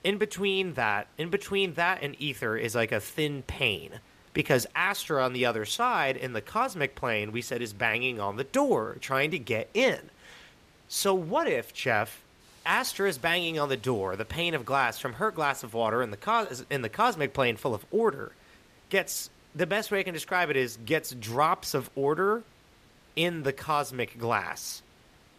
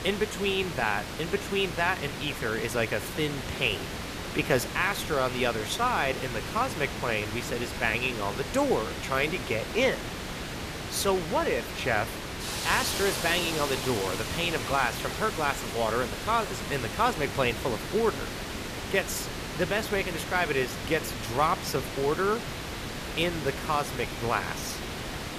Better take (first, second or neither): first